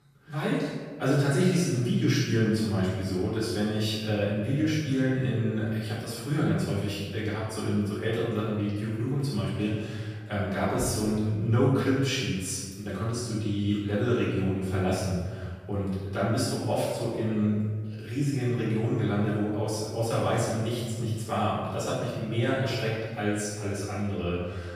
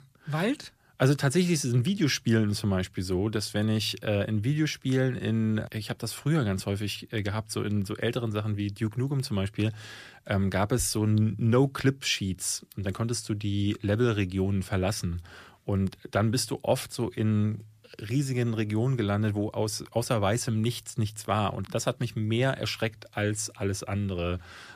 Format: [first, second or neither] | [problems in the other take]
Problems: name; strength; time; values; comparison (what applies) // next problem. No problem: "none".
second | off-mic speech; far // room echo; strong; dies away in 1.4 s